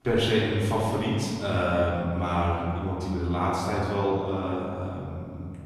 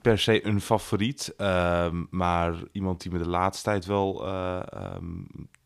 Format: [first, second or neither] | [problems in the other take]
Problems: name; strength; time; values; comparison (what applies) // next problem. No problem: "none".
second | off-mic speech; far // room echo; noticeable; dies away in 2.3 s